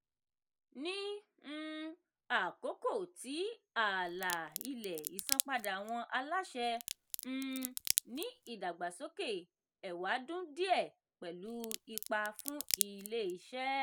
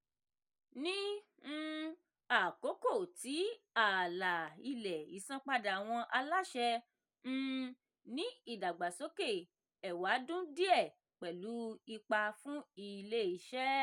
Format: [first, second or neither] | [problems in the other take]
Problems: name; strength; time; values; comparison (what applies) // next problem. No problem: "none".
second | background sound (Crack); 1 dB below the speech